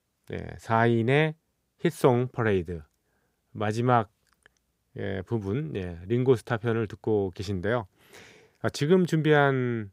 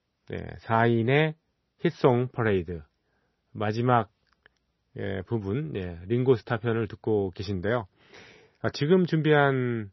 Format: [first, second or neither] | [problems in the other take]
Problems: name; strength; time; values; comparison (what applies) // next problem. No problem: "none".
first | garbled, watery; slightly; nothing above 6 kHz